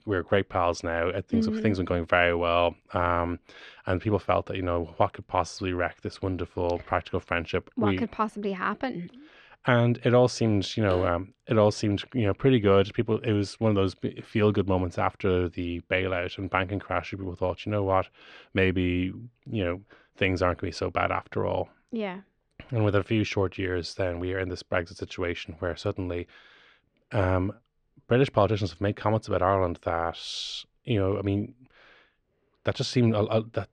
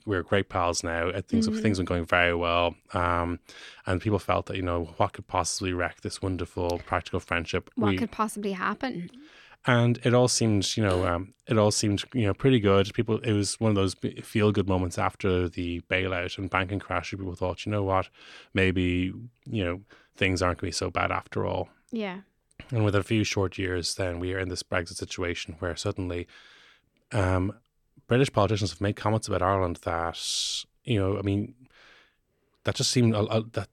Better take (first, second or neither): second